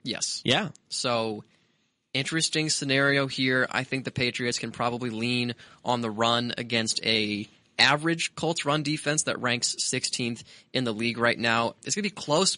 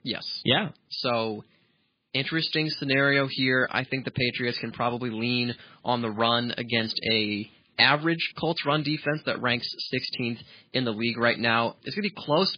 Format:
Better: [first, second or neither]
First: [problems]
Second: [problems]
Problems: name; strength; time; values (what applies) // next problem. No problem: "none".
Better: first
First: garbled, watery; slightly; nothing above 10.5 kHz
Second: garbled, watery; badly; nothing above 4 kHz